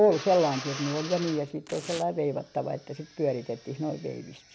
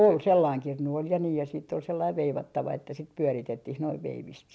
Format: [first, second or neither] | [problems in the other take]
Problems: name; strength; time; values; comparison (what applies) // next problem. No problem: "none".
second | background sound (Drill + Tearing); 14 dB below the speech